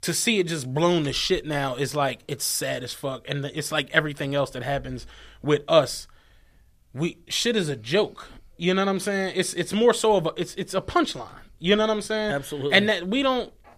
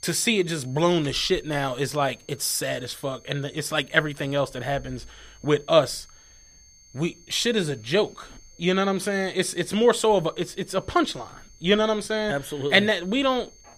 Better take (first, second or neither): first